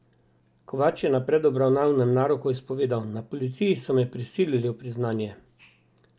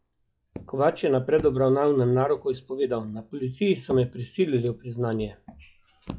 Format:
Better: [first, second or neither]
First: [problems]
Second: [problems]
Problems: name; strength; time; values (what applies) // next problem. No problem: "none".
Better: first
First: none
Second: noise reduction (classical method log-MMSE)